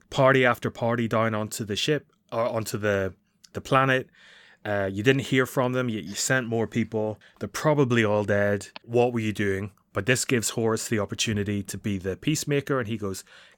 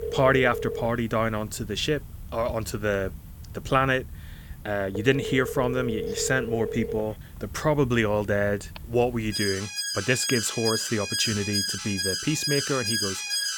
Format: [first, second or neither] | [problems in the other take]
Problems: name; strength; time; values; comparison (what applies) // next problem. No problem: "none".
first | alarms or sirens; loud; throughout; 3 dB below the speech